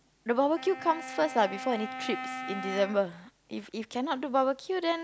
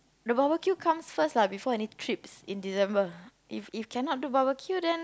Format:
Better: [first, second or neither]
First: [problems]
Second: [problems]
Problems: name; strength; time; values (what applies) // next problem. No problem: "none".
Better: second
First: background sound (Wind instrument, woodwind instrument); 11 dB below the speech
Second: none